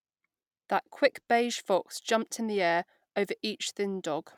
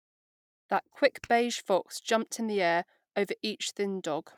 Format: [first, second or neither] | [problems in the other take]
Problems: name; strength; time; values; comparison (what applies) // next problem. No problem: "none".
first | noise reduction (neural mask model DeepFilterNet 3)